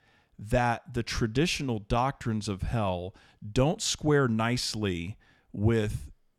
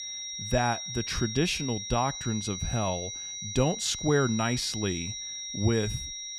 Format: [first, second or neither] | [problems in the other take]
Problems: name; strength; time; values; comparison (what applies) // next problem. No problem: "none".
first | high-pitched whine; loud; throughout; 5.5 kHz, 5 dB below the speech